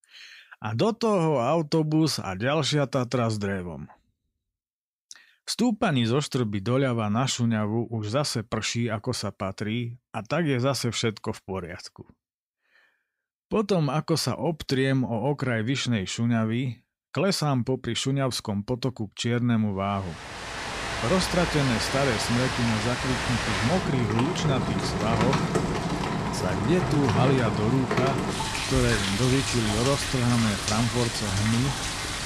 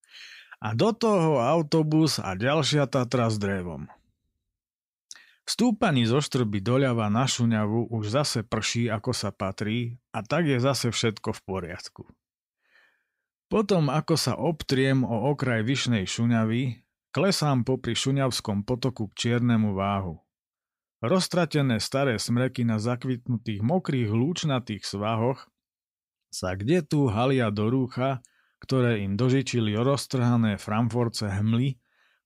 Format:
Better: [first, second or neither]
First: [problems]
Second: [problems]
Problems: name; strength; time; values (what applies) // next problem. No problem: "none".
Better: second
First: rain or running water; loud; from 20 s on; 1 dB below the speech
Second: none